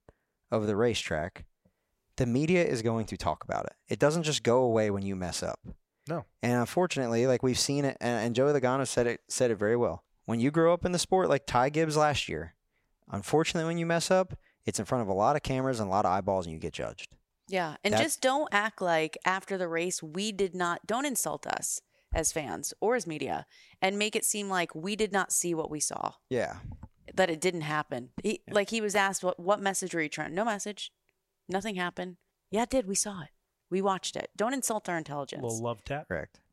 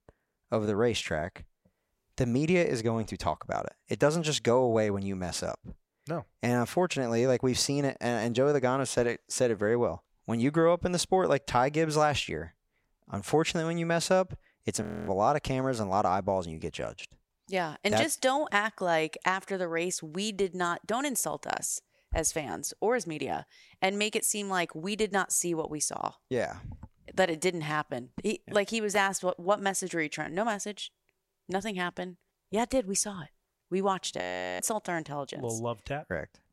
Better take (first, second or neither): first